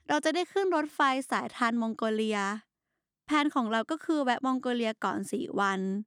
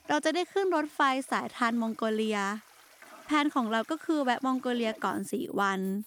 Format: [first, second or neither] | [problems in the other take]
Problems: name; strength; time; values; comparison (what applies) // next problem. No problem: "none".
first | household noises; faint; throughout; 25 dB below the speech